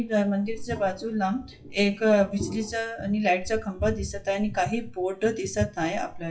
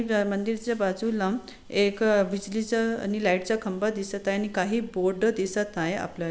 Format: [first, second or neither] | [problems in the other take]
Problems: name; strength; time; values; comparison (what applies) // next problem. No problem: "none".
second | noise reduction (classical method WPE with log-MMSE)